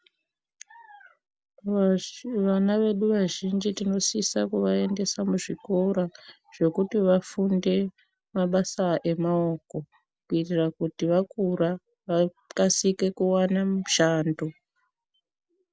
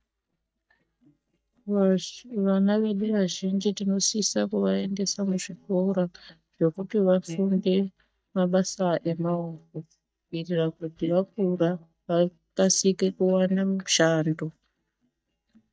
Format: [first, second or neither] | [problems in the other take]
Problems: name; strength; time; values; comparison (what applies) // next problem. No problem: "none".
first | noise reduction (neural mask model DeepFilterNet 3)